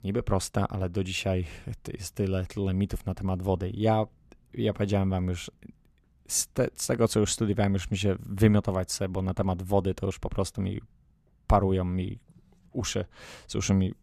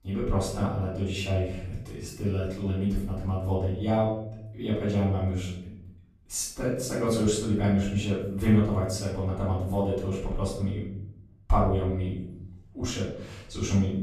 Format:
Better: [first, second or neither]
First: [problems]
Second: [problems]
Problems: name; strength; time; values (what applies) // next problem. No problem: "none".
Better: first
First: none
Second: off-mic speech; far // room echo; noticeable; dies away in 0.7 s